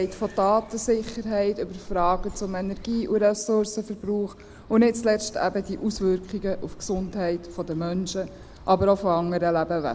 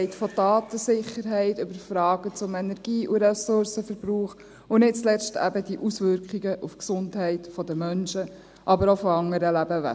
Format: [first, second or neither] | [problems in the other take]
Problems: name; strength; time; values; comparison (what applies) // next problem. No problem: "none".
second | background sound (Bird); 16 dB below the speech